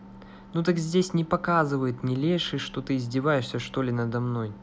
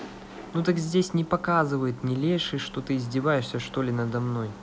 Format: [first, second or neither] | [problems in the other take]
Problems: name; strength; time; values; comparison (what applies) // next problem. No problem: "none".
first | background sound (Fireworks); 19 dB below the speech